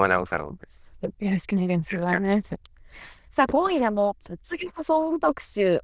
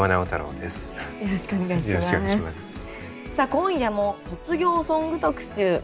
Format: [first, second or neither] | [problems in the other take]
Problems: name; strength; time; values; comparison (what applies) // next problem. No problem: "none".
second | noise reduction (neural diffusion model UNIVERSE++)